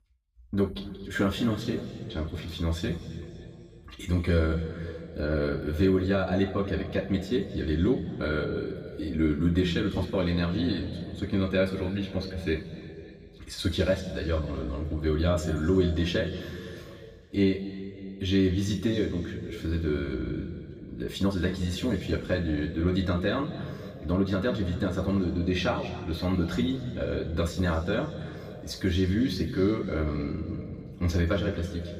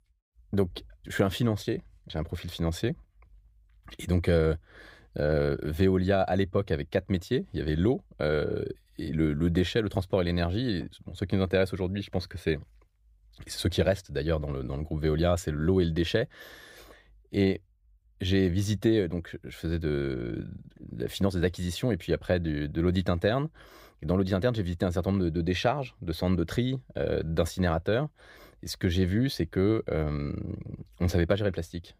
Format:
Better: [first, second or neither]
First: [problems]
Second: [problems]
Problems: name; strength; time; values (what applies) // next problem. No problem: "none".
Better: second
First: room echo; slight; dies away in 2.3 s // off-mic speech; somewhat distant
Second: none